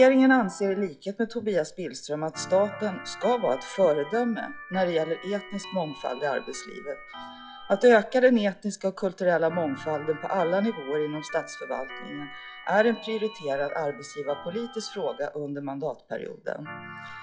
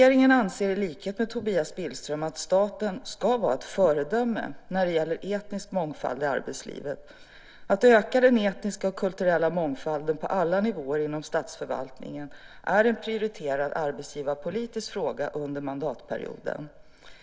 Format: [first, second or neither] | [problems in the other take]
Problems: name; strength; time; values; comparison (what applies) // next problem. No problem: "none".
second | noise reduction (classical method log-MMSE)